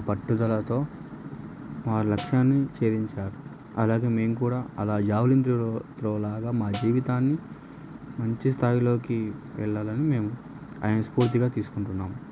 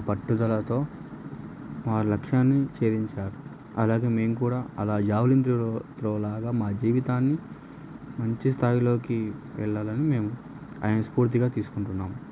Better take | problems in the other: second | background sound (Snare drum); 18 dB below the speech

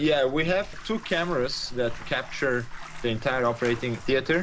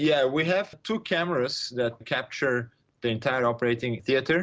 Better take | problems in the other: second | background sound (Bathtub (filling or washing)); 10 dB below the speech

